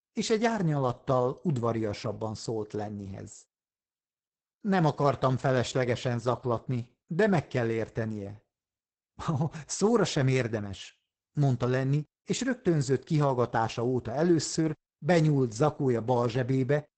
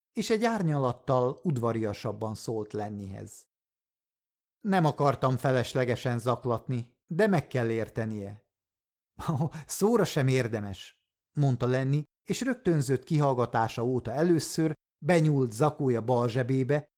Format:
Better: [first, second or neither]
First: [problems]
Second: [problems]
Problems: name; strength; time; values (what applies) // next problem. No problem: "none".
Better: second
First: garbled, watery; badly; nothing above 8 kHz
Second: garbled, watery; slightly